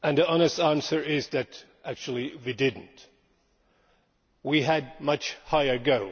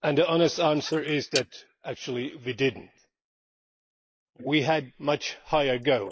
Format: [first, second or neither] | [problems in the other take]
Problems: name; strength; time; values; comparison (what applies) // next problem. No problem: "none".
first | noise reduction (neural mask model Resemble Enhance denoiser)